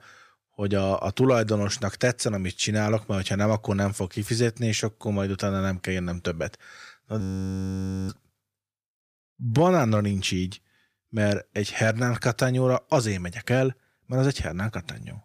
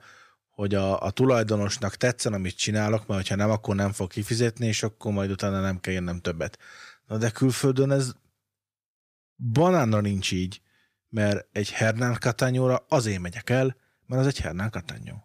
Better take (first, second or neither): second